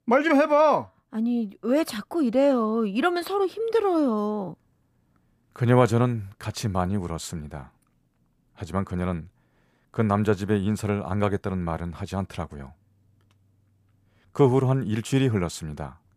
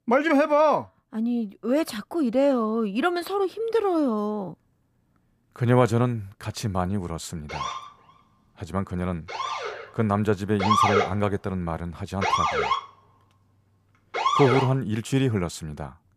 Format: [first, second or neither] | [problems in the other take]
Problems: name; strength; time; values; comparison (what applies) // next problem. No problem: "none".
first | siren; loud; from 7.5 to 15 s; peak 5 dB above the speech